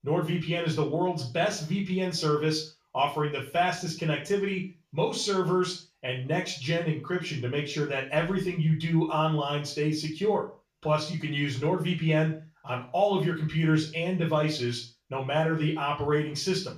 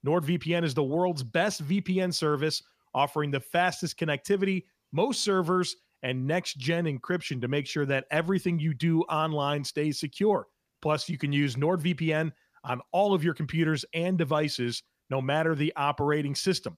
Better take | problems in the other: second | room echo; slight; dies away in 0.3 s // off-mic speech; far

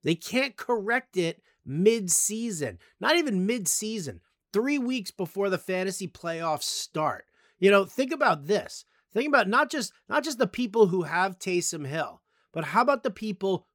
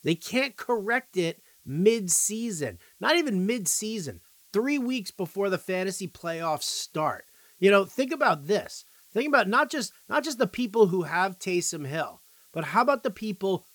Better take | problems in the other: first | hiss; faint; throughout; 30 dB below the speech

